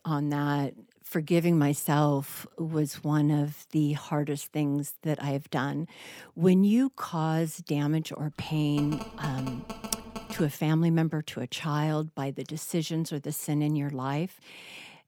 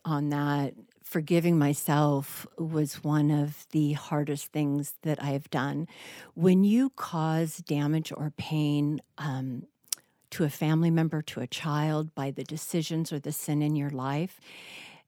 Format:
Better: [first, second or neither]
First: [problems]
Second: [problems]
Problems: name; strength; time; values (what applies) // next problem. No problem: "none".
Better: second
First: phone ringing; faint; from 8.5 to 10 s; peak 10 dB below the speech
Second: none